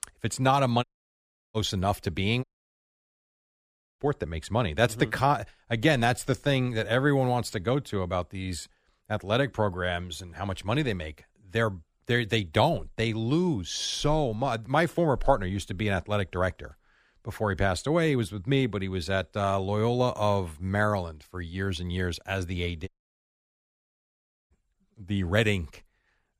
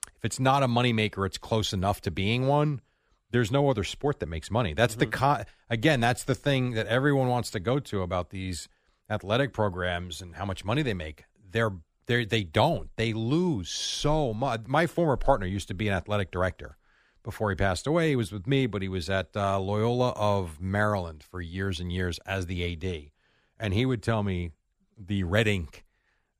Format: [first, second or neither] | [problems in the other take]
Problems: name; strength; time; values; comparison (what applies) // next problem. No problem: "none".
second | audio cutting out; at 1 s for 0.5 s, at 2.5 s for 1.5 s and at 23 s for 1.5 s